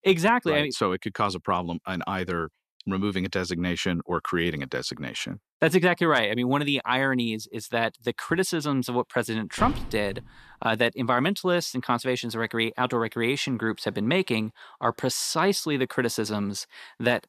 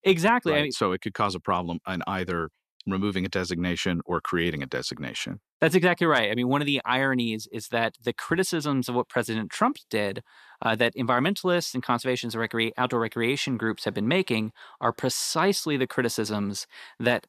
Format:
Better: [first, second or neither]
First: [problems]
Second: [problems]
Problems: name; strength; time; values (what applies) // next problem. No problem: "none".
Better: second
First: door banging; noticeable; at 9.5 s; peak 8 dB below the speech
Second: none